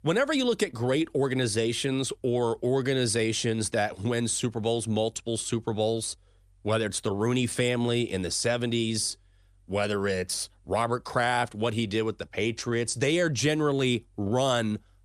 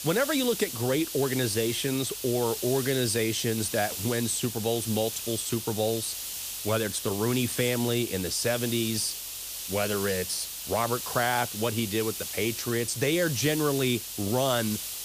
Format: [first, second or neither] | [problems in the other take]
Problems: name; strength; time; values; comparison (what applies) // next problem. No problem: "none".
first | hiss; loud; throughout; 5 dB below the speech